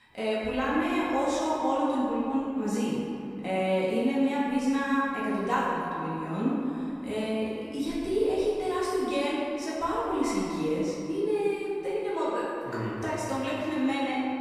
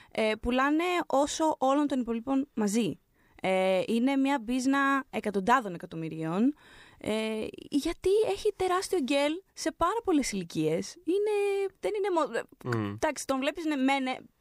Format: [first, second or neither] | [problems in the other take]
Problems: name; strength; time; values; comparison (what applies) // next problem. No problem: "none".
second | off-mic speech; far // room echo; strong; dies away in 2.4 s